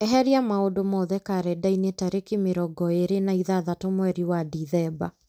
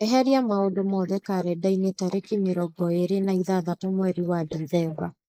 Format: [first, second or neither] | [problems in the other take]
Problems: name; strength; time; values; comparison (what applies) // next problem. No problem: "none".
first | noise reduction (neural mask model Resemble Enhance denoiser)